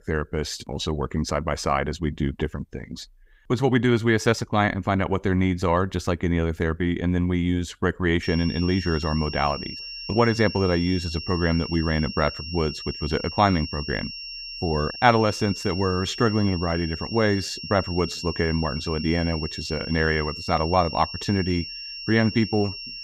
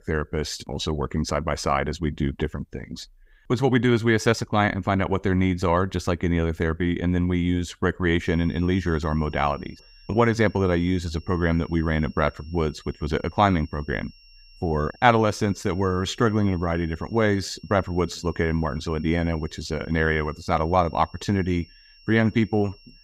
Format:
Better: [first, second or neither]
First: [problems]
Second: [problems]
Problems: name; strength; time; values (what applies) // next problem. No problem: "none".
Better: second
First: high-pitched whine; loud; from 8 s on; 5.5 kHz, 9 dB below the speech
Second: high-pitched whine; faint; from 8 s on; 5.5 kHz, 30 dB below the speech